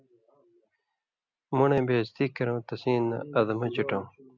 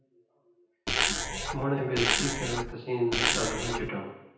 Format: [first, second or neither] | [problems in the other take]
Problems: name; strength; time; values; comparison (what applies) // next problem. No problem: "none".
first | background sound (Zipper (clothing)); 4 dB above the speech // room echo; dies away in 0.9 s